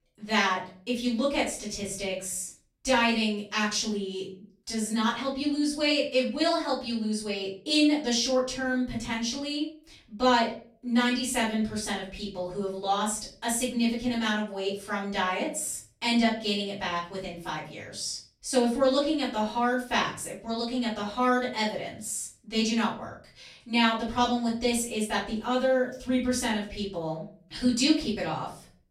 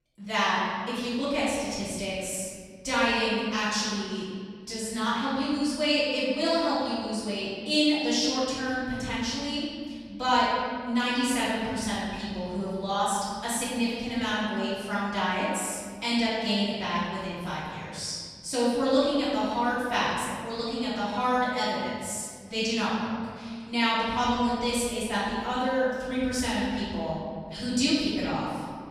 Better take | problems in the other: first | room echo; strong; dies away in 2 s; slight in the first // off-mic speech; far; far in the first

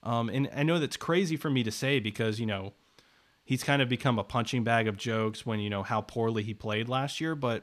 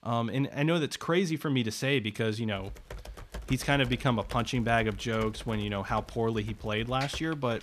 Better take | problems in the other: first | keyboard typing; faint; from 2.5 s on; peak 10 dB below the speech

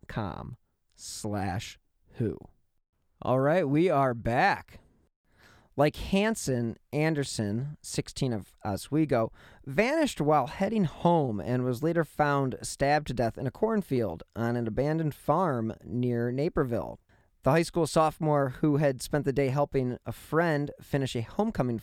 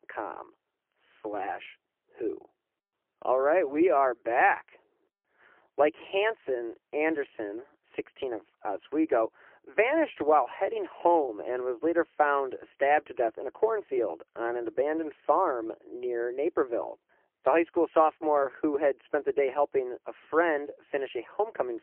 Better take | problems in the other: first | phone-call audio; poor line; nothing above 3 kHz

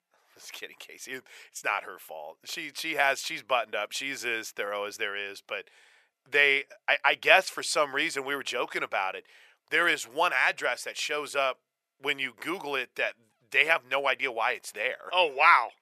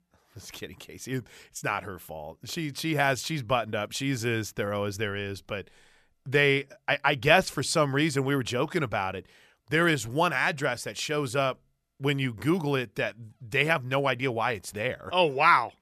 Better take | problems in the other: second | thin; very; fading below 600 Hz

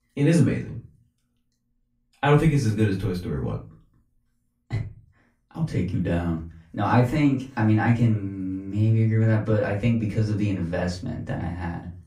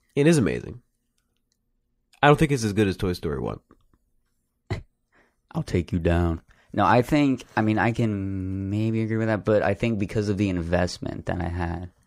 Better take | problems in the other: second | off-mic speech; far // room echo; slight; dies away in 0.3 s

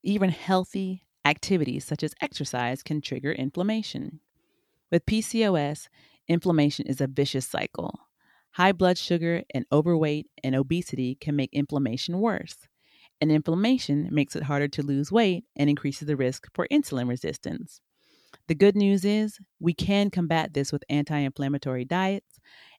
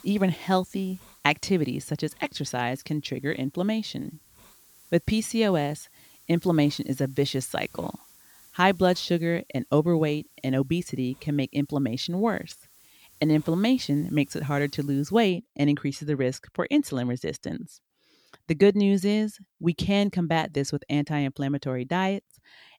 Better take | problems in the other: first | hiss; faint; until 15 s; 25 dB below the speech

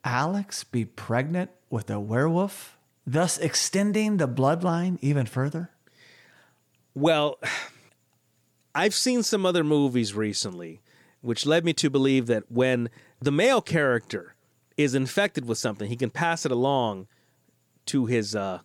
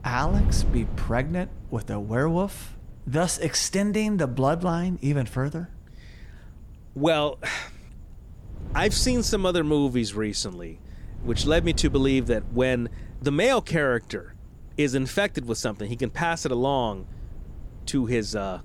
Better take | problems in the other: first | wind noise on the microphone; occasional gusts; 20 dB below the speech

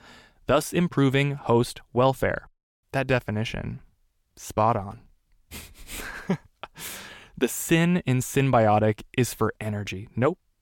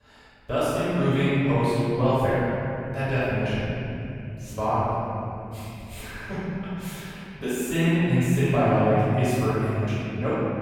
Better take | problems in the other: first | off-mic speech; far // room echo; strong; dies away in 3 s

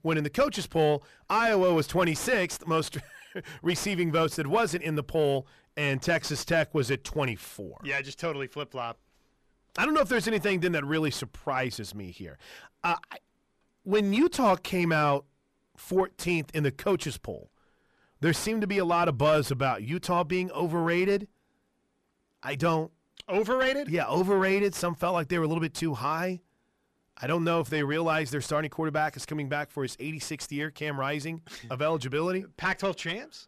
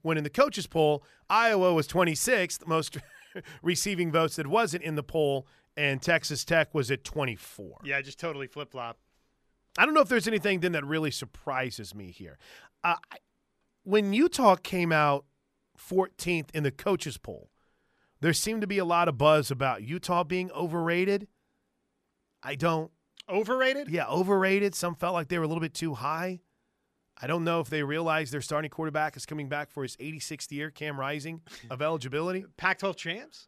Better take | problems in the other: second | distortion; slight; 10 dB below the speech

